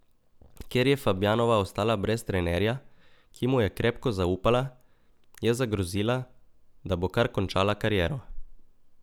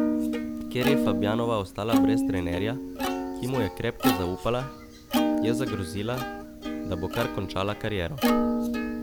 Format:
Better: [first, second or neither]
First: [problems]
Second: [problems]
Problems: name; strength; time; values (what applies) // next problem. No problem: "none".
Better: first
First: none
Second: background sound (Plucked string instrument); 3 dB above the speech